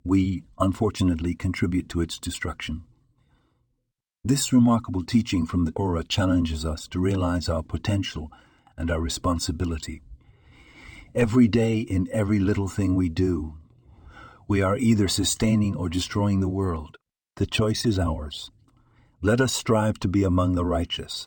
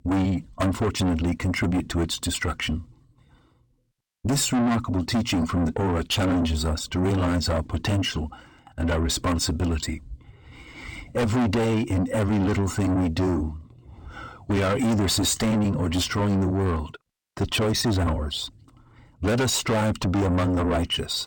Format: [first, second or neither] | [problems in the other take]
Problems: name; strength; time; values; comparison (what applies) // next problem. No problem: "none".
first | distortion; heavy; 7 dB below the speech